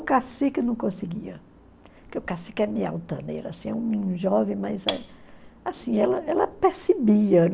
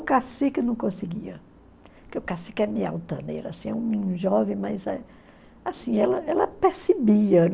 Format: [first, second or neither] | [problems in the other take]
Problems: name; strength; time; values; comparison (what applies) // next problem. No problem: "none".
second | background sound (Cutlery, silverware); 10 dB below the speech